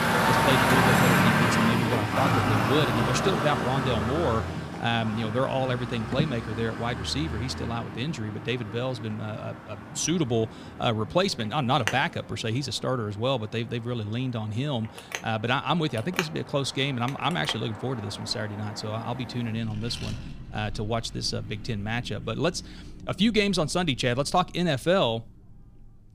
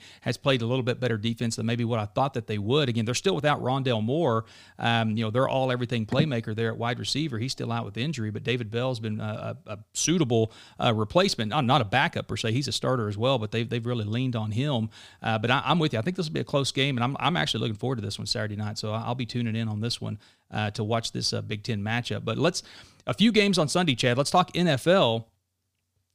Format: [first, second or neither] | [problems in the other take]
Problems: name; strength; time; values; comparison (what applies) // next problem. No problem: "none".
second | traffic noise; very loud; throughout; 1 dB above the speech